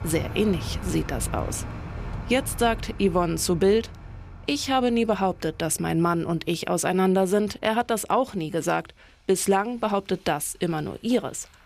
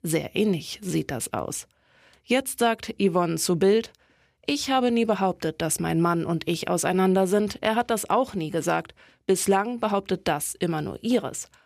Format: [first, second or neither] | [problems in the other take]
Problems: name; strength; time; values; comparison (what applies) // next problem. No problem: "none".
second | traffic noise; noticeable; throughout; 10 dB below the speech